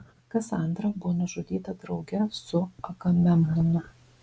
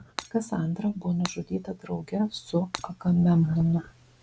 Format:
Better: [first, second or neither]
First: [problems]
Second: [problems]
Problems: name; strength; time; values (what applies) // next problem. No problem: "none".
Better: first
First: none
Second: background sound (Shatter); 16 dB below the speech